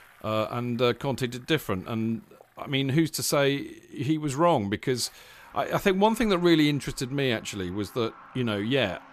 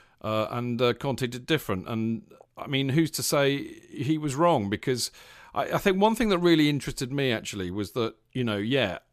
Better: second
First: traffic noise; faint; throughout; 25 dB below the speech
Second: none

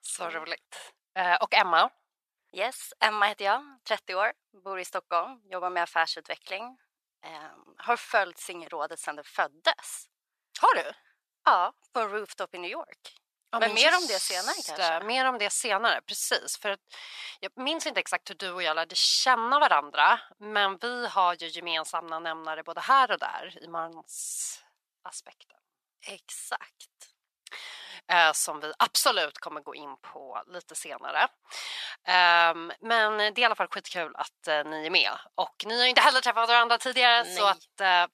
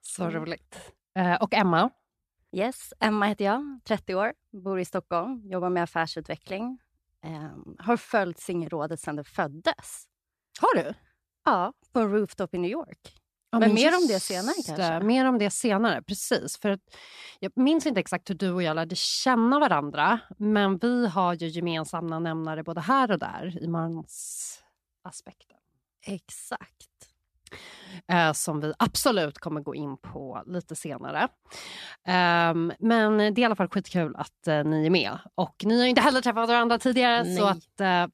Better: second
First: thin; very; fading below 850 Hz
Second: none

